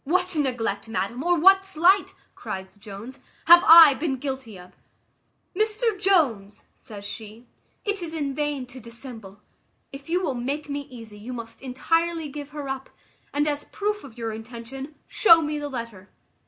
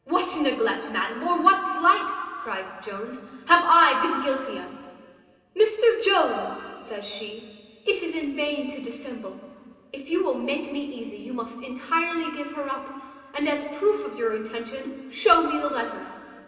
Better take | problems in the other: first | room echo; dies away in 2.5 s

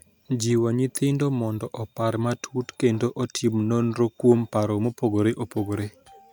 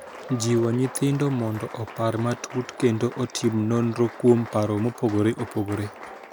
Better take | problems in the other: first | background sound (Applause); 16 dB below the speech

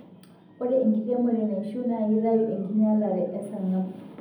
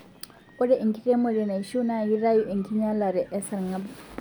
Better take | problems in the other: second | room echo; dies away in 0.8 s

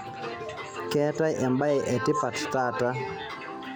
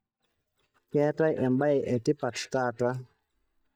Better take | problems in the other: first | noise reduction (neural mask model DeepFilterNet 3)

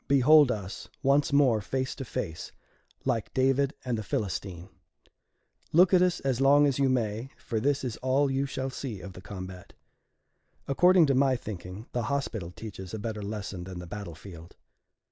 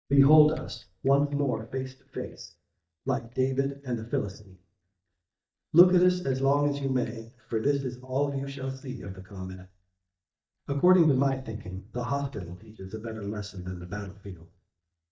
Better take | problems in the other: first | noise reduction (neural mask model DeepFilterNet 3)

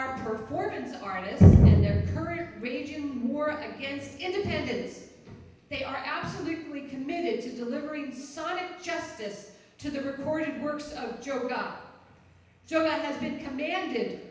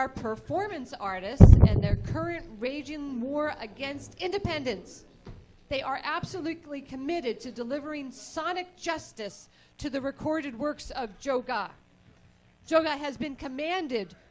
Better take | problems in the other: second | room echo; dies away in 0.9 s

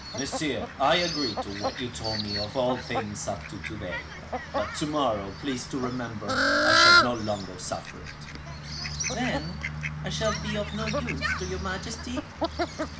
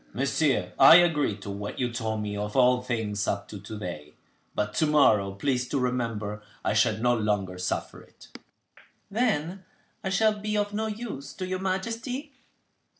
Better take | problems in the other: second | background sound (Fowl); 3 dB above the speech

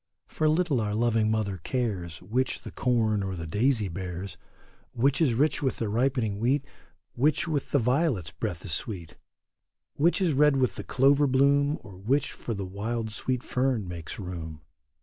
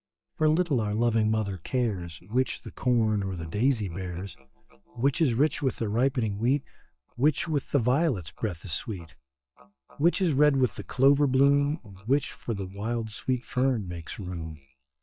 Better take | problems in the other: first | noise reduction (neural mask model DeepFilterNet 3)

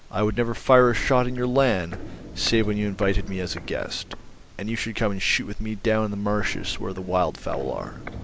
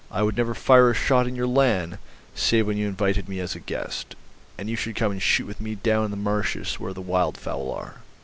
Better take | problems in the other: second | background sound (Walk, footsteps); 17 dB below the speech

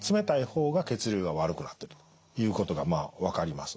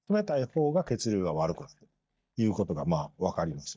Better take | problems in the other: first | noise reduction (neural mask model DeepFilterNet 3)

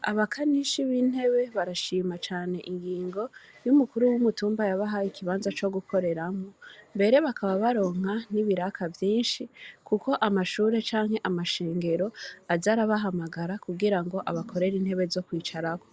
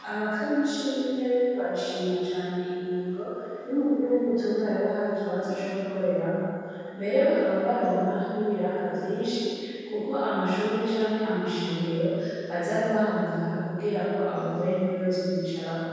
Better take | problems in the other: first | room echo; dies away in 2.2 s

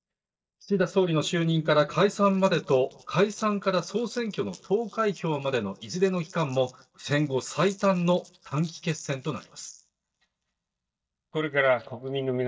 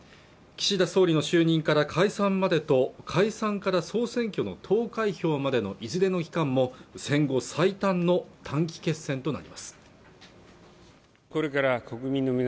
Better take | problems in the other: second | noise reduction (neural mask model DeepFilterNet 3)

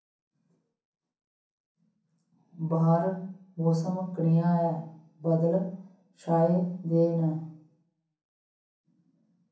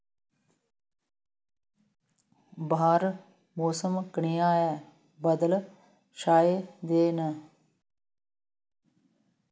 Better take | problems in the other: second | room echo; dies away in 0.6 s

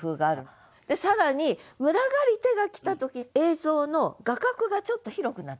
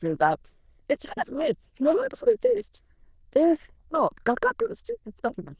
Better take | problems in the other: first | noise reduction (neural diffusion model UNIVERSE++)

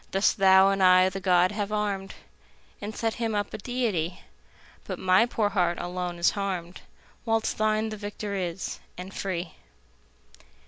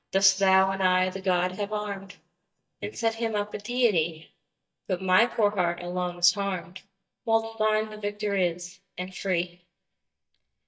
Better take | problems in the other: first | noise reduction (neural mask model DeepFilterNet 3)

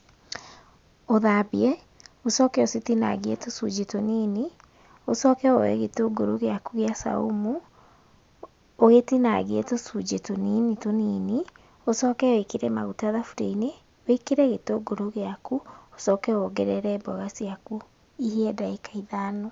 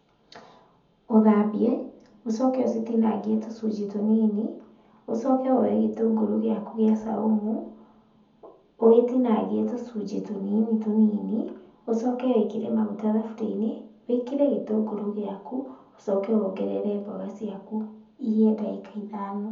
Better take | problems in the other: first | room echo; dies away in 0.7 s

